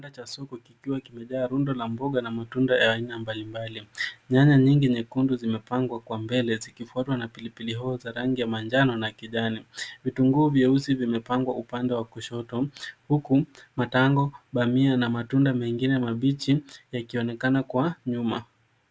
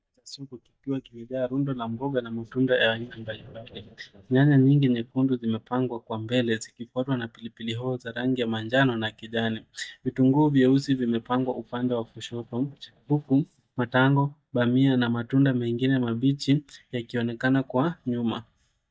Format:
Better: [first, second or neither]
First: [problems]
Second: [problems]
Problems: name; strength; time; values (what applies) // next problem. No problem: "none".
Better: first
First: none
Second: noise reduction (neural mask model DeepFilterNet 3)